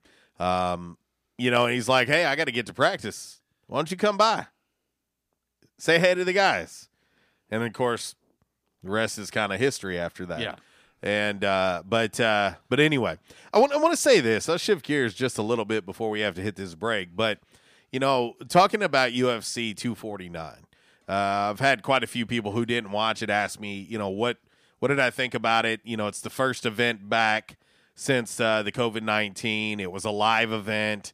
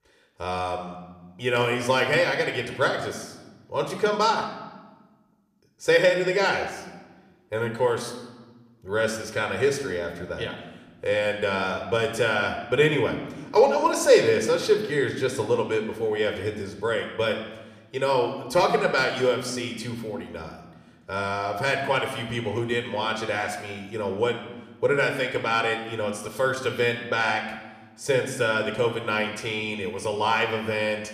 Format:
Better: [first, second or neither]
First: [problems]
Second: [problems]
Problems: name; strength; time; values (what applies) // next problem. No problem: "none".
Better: first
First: none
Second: room echo; slight; dies away in 1 s